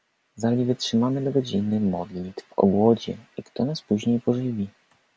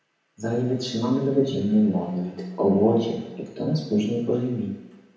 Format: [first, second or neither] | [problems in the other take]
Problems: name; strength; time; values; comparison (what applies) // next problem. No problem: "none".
first | room echo; dies away in 0.9 s